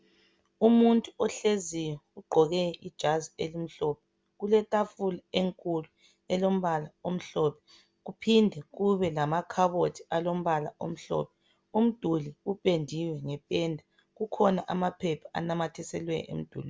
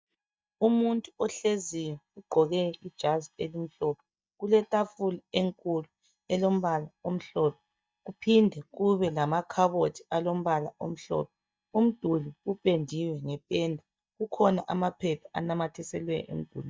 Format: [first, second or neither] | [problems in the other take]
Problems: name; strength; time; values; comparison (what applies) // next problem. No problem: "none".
first | noise reduction (neural mask model DeepFilterNet 3)